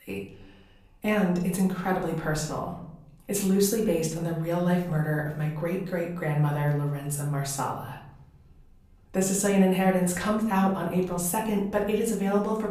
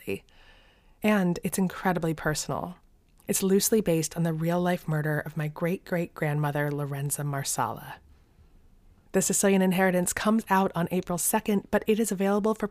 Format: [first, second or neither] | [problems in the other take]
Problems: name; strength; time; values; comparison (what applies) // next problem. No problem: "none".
second | off-mic speech; far // room echo; noticeable; dies away in 0.6 s